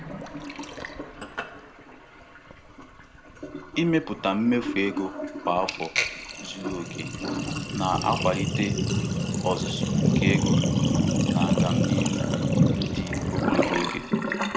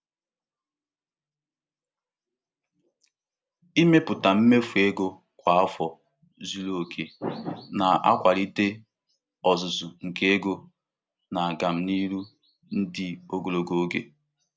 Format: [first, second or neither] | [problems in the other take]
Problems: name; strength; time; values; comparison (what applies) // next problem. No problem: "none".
second | background sound (Sink (filling or washing)); 4 dB above the speech